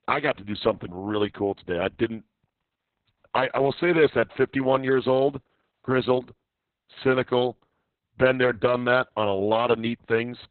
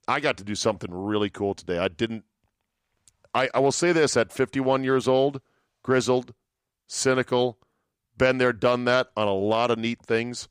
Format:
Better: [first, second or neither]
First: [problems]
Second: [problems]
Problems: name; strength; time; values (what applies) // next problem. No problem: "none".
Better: second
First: garbled, watery; badly; nothing above 4 kHz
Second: none